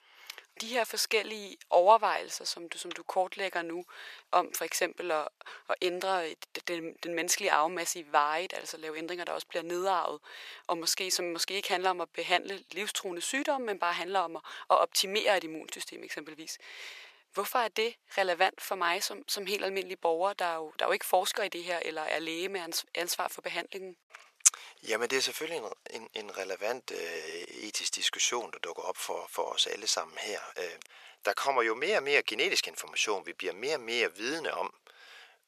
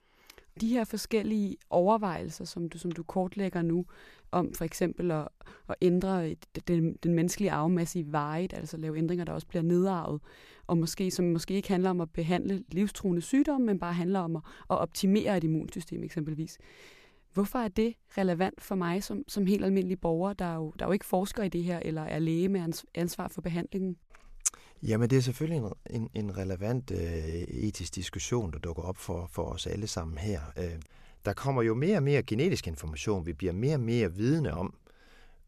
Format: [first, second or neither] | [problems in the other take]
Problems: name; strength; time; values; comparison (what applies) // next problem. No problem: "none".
second | thin; very; fading below 550 Hz